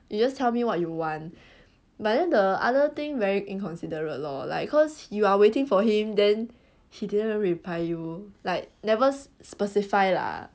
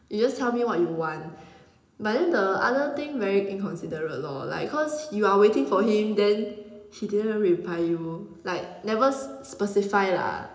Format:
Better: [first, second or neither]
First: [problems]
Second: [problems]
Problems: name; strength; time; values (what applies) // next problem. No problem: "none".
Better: first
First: none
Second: room echo; dies away in 0.8 s